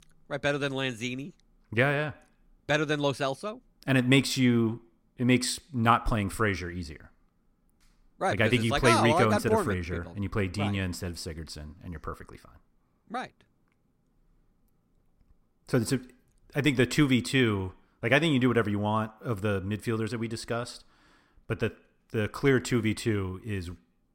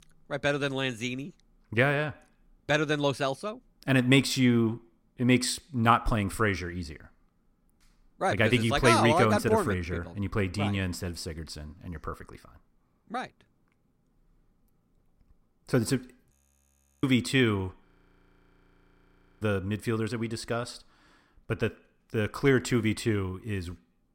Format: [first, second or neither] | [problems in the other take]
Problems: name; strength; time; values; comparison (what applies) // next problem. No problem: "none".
first | audio freezing; at 16 s for 0.5 s and at 18 s for 1.5 s